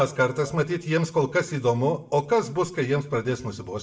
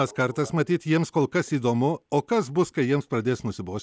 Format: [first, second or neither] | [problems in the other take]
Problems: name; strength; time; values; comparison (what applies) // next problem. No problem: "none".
second | room echo; dies away in 0.5 s